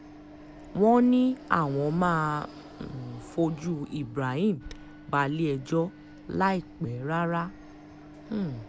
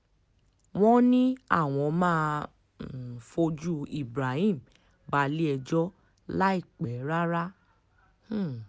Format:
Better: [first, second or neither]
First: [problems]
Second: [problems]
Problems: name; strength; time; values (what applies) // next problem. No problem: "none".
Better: second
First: background sound (Fixed-wing aircraft, airplane + Microwave oven); 18 dB below the speech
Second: none